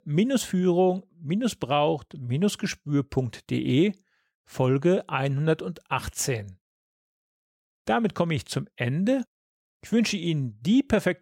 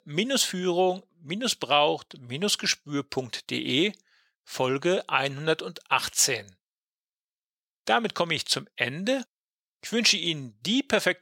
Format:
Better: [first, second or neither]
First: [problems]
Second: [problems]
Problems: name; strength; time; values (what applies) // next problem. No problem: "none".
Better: first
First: none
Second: thin; somewhat; fading below 800 Hz